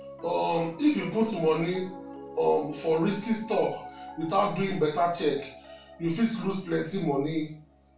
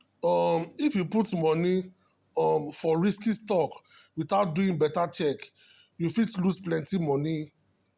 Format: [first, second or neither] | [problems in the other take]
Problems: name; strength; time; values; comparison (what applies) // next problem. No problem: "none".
second | background sound (Piano); 16 dB below the speech // room echo; dies away in 0.3 s